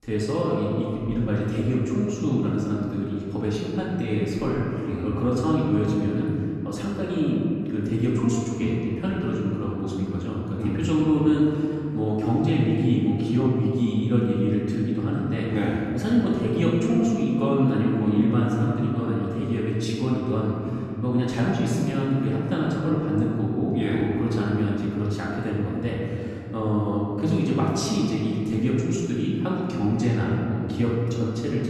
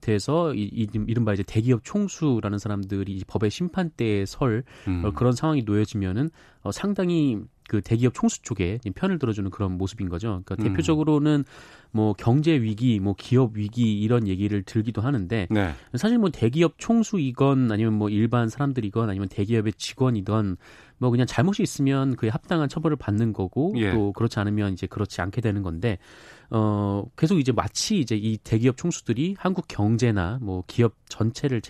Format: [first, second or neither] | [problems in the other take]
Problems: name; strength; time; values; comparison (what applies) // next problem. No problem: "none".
second | room echo; noticeable; dies away in 2.7 s // off-mic speech; far